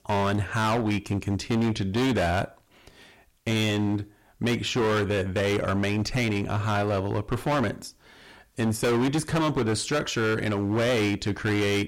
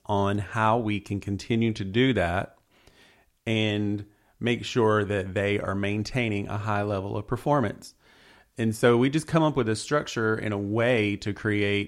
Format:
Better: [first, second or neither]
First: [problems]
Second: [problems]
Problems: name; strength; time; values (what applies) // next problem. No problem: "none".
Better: second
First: distortion; heavy; 19% of the sound clipped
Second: none